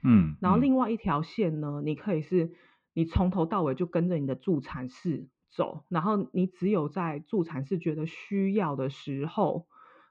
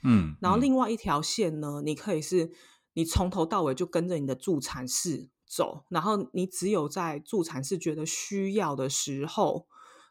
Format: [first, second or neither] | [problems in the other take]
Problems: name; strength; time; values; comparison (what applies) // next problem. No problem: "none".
second | muffled; very; fading above 2.5 kHz